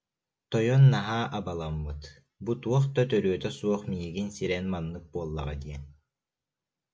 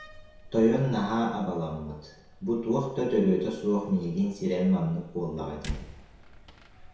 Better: first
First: none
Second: background sound (Slam); 18 dB below the speech // room echo; dies away in 0.7 s

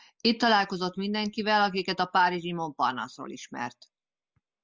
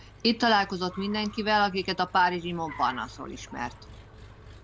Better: first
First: none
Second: background sound (Engine + Car); 18 dB below the speech

